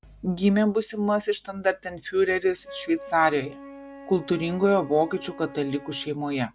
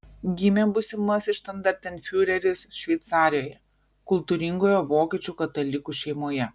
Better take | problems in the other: second | background sound (Wind instrument, woodwind instrument); 20 dB below the speech

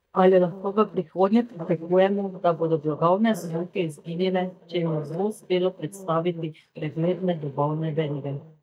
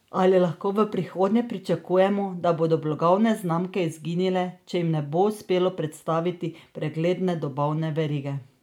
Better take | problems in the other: second | noise reduction (neural mask model DeepFilterNet 3)

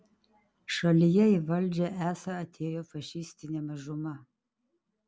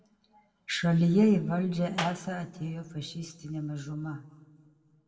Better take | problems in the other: first | background sound (Clapping); 10 dB below the speech // room echo; dies away in 1.2 s

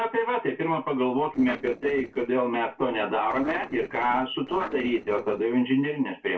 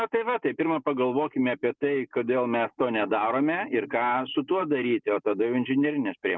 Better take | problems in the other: second | noise reduction (neural separator model SepFormer DNS4)

